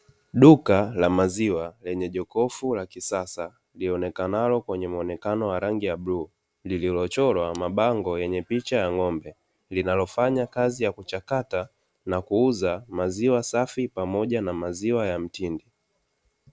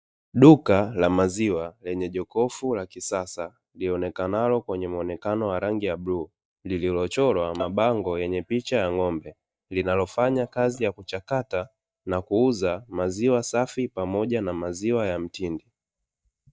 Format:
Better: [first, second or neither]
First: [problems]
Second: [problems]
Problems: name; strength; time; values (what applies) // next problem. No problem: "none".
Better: first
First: none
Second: noise reduction (neural mask model DeepFilterNet 3)